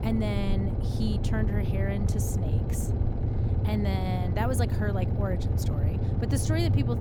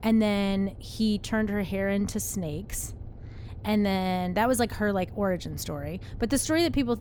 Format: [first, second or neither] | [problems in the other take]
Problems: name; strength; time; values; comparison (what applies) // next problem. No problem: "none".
second | low rumble; loud; throughout; 3 dB below the speech; faint in the second